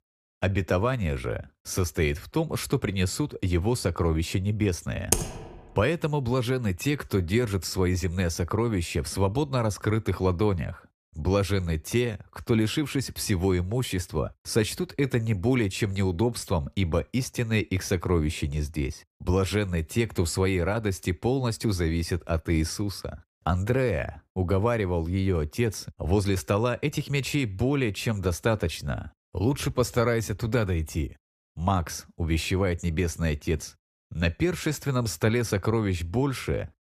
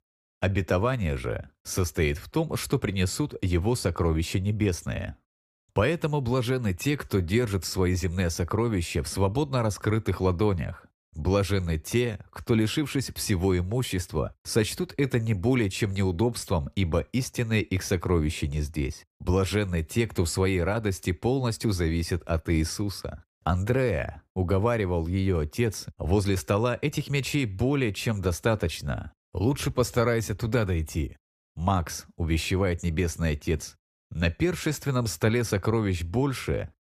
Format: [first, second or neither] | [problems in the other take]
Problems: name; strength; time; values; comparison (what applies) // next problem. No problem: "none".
second | keyboard typing; loud; at 5 s; peak 1 dB above the speech